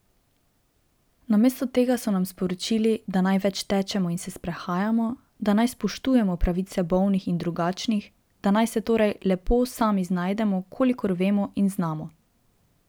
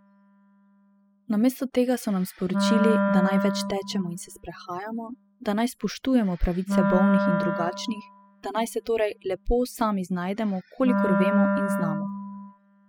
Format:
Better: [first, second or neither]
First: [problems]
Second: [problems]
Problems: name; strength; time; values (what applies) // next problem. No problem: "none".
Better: first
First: none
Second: noise reduction (classical method spectral subtraction)